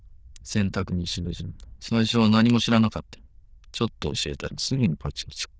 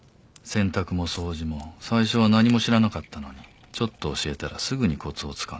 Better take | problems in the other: second | noise reduction (neural diffusion model UNIVERSE++)

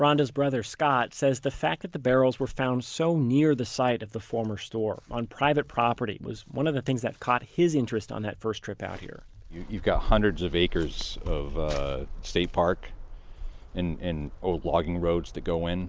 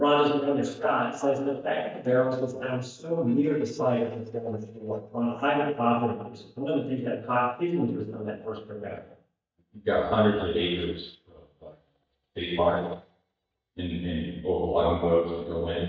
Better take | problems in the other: first | noise reduction (neural mask model DeepFilterNet 3)

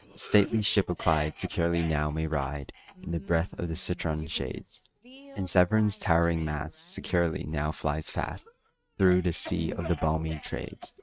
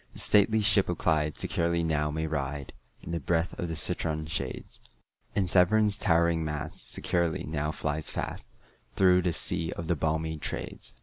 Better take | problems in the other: second | noise reduction (neural mask model RNNoise)

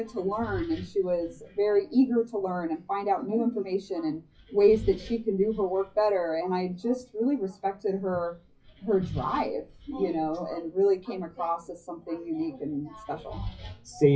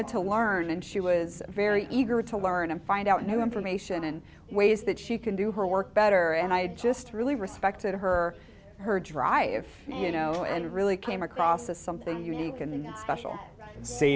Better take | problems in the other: second | noise reduction (classical method WPE with log-MMSE)

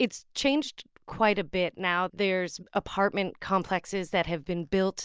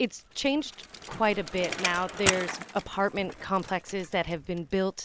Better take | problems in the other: first | background sound (Bicycle); 7 dB below the speech

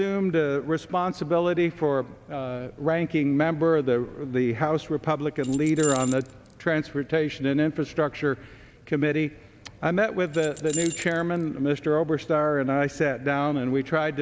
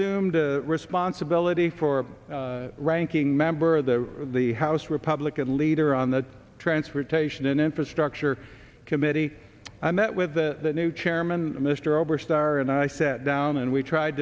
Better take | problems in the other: second | background sound (Keys jangling); 12 dB below the speech

